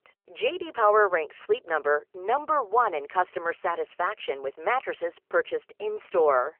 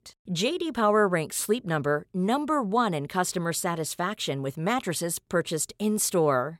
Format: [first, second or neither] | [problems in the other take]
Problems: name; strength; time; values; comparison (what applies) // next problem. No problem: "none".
second | phone-call audio; nothing above 3 kHz